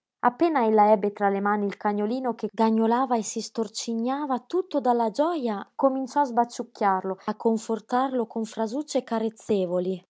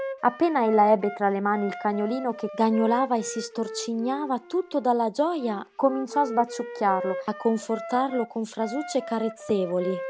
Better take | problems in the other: first | background sound (Wind instrument, woodwind instrument); 12 dB below the speech

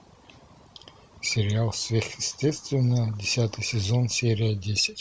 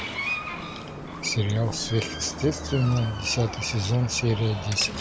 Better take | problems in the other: first | background sound (Door); 8 dB below the speech

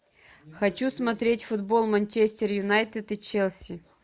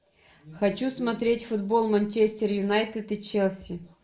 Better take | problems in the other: first | room echo; dies away in 0.3 s

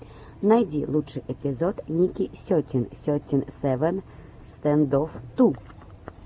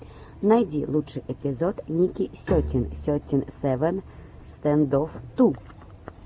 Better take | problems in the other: first | background sound (Bowed string instrument); 14 dB below the speech

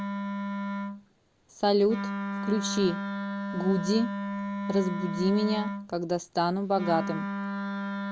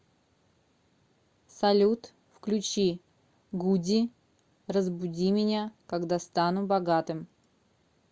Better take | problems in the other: second | background sound (Wind instrument, woodwind instrument); 4 dB below the speech

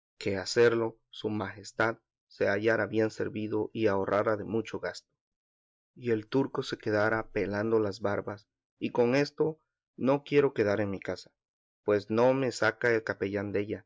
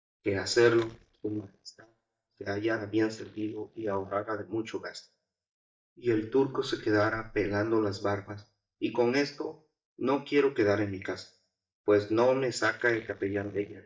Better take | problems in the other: first | noise reduction (neural mask model DeepFilterNet 3)

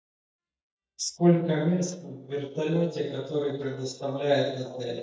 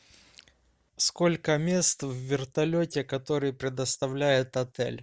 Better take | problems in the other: second | noise reduction (neural mask model DeepFilterNet 3)

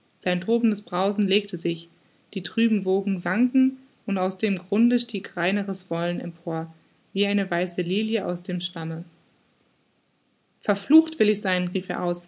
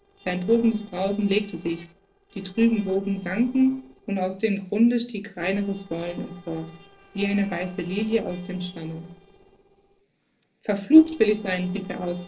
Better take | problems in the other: first | noise reduction (neural separator model SepFormer DNS4)

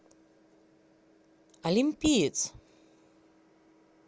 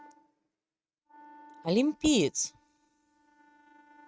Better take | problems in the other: first | noise reduction (neural mask model RNNoise)

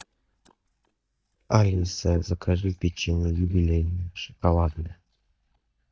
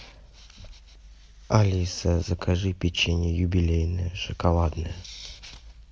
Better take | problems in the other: second | noise reduction (neural mask model DeepFilterNet 3)

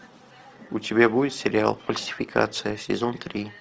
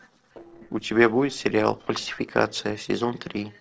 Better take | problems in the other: first | noise reduction (neural separator model SepFormer DNS4)

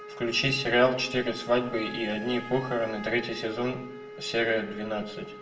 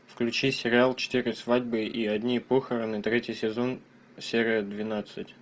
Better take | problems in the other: second | background sound (Wind instrument, woodwind instrument); 14 dB below the speech // room echo; dies away in 0.5 s

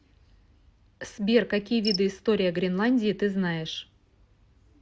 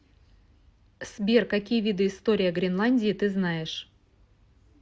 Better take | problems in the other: second | background sound (Cricket); 14 dB below the speech

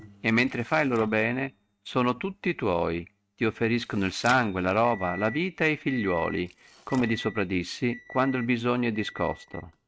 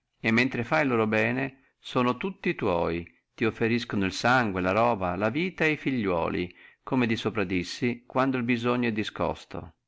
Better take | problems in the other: second | noise reduction (neural mask model RNNoise)

